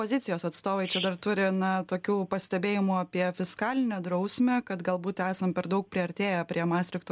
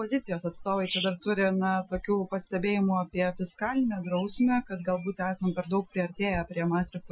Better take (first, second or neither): first